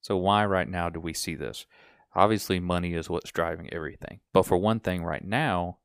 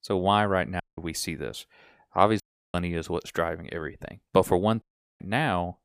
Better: first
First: none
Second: audio cutting out; at 1 s, at 2.5 s and at 5 s

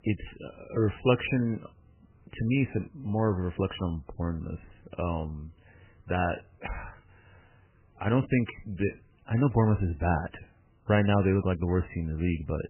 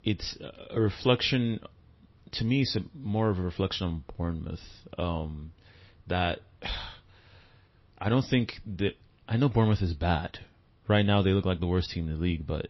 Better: second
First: garbled, watery; badly; nothing above 3 kHz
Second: garbled, watery; slightly; nothing above 5.5 kHz

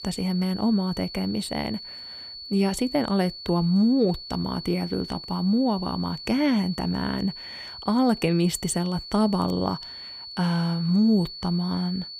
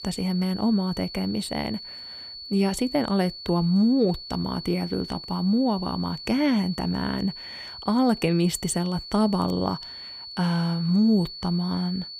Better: neither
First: high-pitched whine; noticeable; throughout; 4.5 kHz, 10 dB below the speech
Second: high-pitched whine; noticeable; throughout; 4.5 kHz, 10 dB below the speech

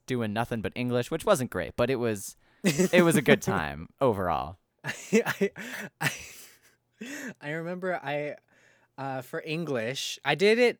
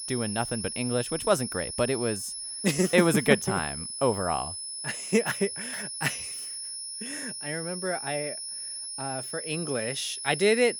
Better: first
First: none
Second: high-pitched whine; loud; throughout; 10.5 kHz, 5 dB below the speech

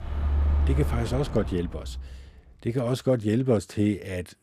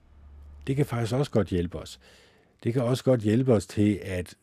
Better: second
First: traffic noise; loud; until 1.5 s; 2 dB below the speech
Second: traffic noise; faint; until 1.5 s; 30 dB below the speech

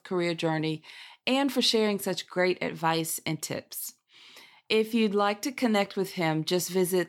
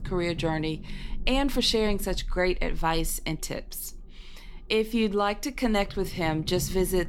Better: first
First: none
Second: low rumble; faint; throughout; 25 dB below the speech

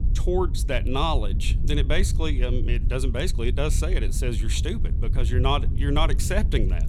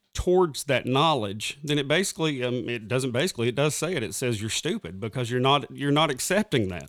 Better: second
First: low rumble; noticeable; throughout; 15 dB below the speech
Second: none

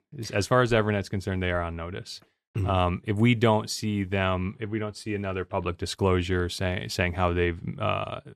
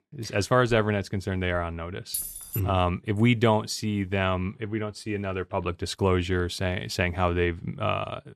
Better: first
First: none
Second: jangling keys; noticeable; at 2 s; peak 5 dB below the speech

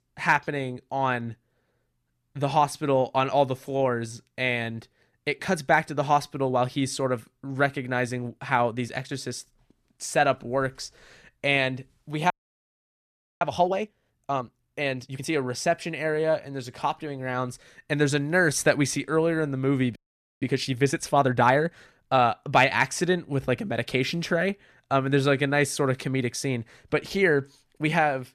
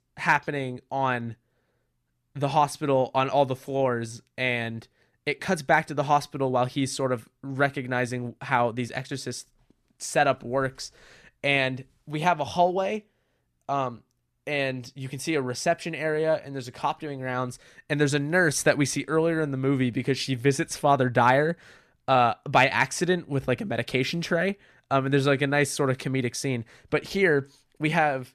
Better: second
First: audio freezing; at 12 s for 1 s and at 20 s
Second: none

